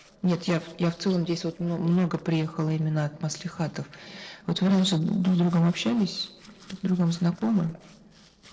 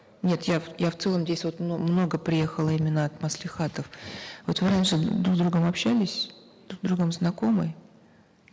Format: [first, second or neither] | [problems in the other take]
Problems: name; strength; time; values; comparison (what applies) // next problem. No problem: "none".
second | noise reduction (neural separator model SepFormer DNS4)